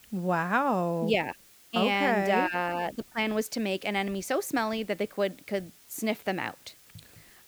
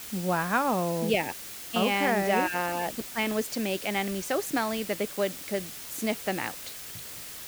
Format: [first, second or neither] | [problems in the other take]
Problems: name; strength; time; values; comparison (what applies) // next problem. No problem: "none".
first | hiss; loud; throughout; 9 dB below the speech; faint in the first